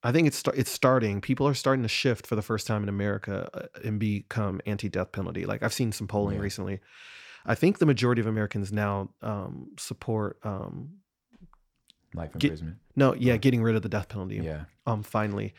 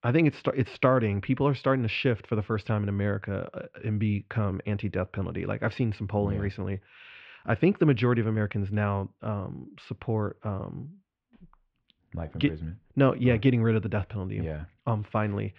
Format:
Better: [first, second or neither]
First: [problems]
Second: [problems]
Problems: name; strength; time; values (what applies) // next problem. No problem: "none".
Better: first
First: none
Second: muffled; very; fading above 3 kHz